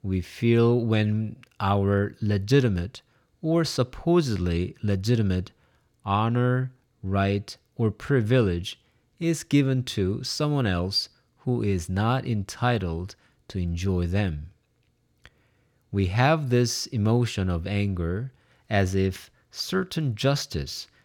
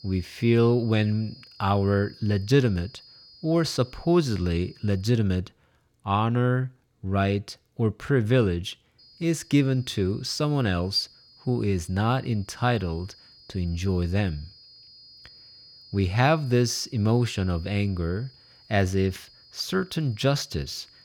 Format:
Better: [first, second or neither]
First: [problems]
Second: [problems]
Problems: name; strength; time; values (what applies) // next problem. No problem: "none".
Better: first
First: none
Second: high-pitched whine; faint; until 5 s and from 9 s on; 5 kHz, 25 dB below the speech